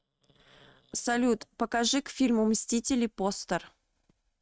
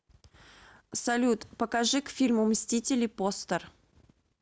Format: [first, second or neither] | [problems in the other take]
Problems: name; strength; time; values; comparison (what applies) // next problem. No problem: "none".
second | noise reduction (neural mask model RNNoise)